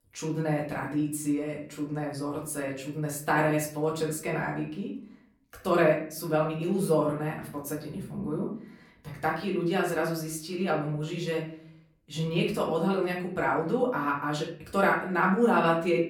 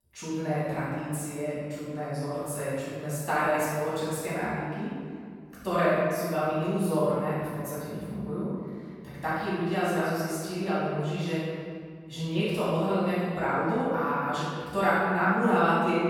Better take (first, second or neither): first